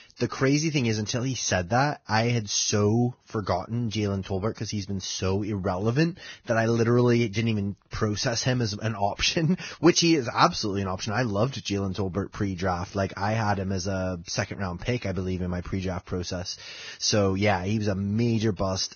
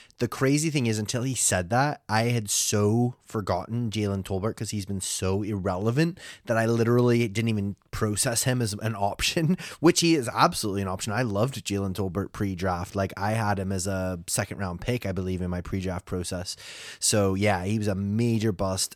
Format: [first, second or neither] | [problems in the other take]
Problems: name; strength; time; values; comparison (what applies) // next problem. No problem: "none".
second | garbled, watery; badly; nothing above 6.5 kHz